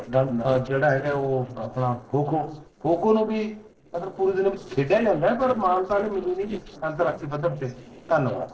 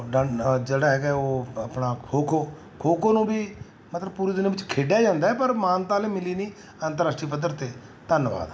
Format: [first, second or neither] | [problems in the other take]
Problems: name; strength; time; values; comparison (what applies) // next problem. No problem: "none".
second | noise reduction (neural separator model SepFormer DNS4)